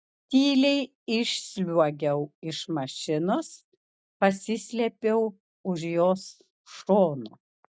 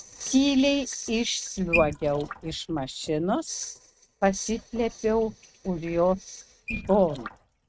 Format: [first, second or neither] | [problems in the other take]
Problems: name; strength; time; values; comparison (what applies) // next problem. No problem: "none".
first | noise reduction (neural mask model RNNoise)